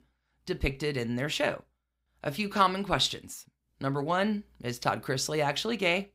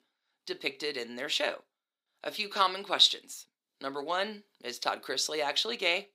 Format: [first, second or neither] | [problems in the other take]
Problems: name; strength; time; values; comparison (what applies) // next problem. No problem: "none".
first | thin; somewhat; fading below 350 Hz